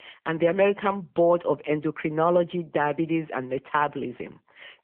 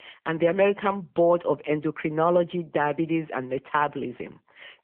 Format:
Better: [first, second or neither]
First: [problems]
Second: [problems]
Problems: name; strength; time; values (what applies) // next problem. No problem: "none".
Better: neither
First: phone-call audio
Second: phone-call audio